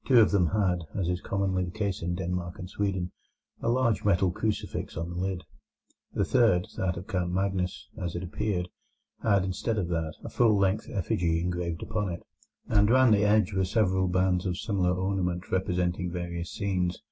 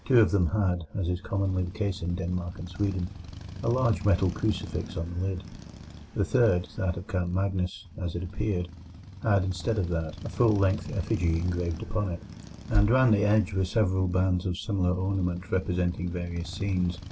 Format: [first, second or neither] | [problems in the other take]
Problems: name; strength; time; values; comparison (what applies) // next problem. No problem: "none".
first | background sound (Motorcycle); 15 dB below the speech